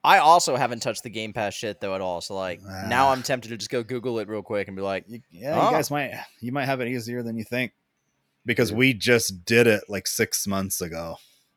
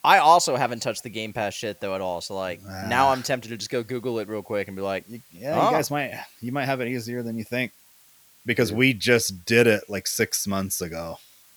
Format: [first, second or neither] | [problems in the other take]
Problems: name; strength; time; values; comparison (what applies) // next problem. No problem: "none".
first | hiss; faint; throughout; 30 dB below the speech